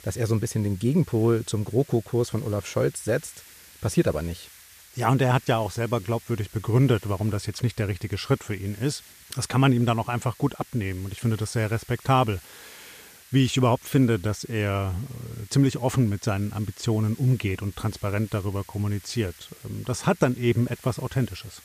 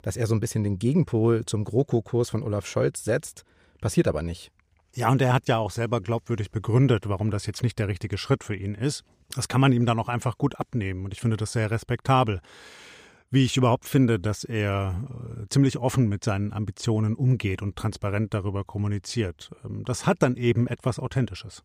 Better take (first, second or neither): second